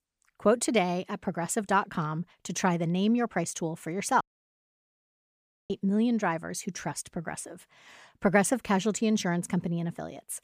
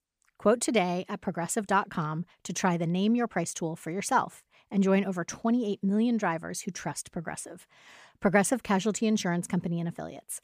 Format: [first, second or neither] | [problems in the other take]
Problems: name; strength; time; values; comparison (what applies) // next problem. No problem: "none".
second | audio cutting out; at 4 s for 1.5 s